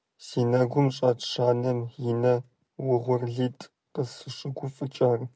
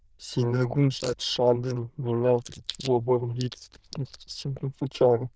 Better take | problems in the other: first | noise reduction (neural diffusion model UNIVERSE++)

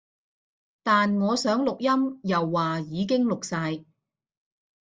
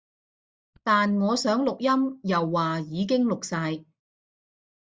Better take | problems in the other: first | noise reduction (neural mask model DeepFilterNet 3)

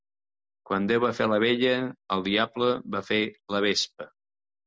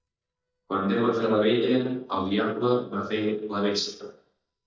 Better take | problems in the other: first | noise reduction (neural mask model DeepFilterNet 3)

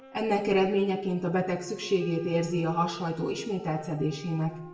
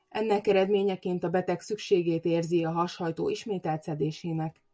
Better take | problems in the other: second | background sound (Wind instrument, woodwind instrument); 20 dB below the speech // room echo; dies away in 0.8 s

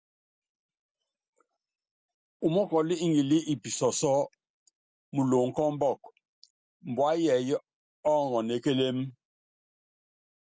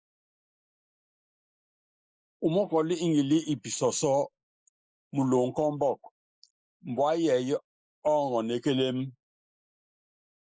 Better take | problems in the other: first | noise reduction (neural mask model Resemble Enhance denoiser)

